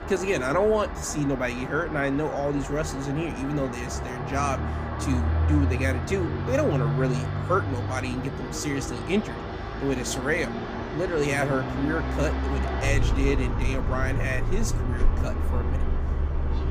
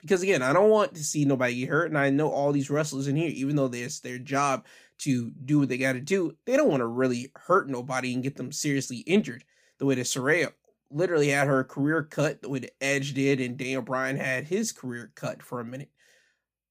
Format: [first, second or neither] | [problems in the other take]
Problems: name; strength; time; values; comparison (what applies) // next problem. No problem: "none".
second | traffic noise; loud; throughout; 1 dB below the speech